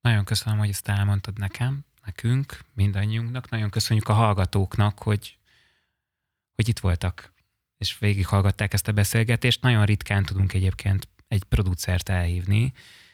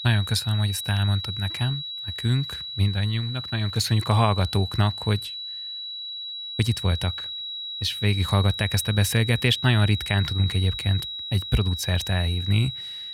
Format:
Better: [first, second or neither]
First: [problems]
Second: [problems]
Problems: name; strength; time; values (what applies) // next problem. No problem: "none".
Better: first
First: none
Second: high-pitched whine; loud; throughout; 4 kHz, 7 dB below the speech